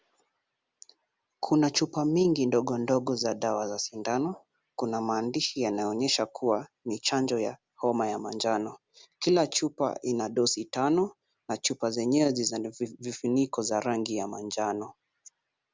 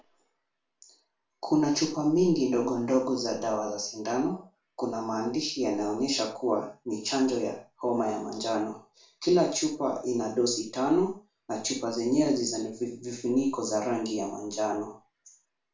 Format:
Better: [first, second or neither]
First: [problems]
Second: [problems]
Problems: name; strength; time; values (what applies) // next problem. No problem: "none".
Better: first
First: none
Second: room echo; dies away in 0.3 s